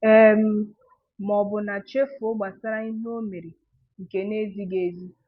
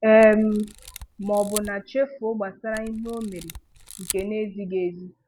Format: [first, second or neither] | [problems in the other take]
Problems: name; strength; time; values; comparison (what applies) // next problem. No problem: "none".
first | background sound (Camera); 16 dB below the speech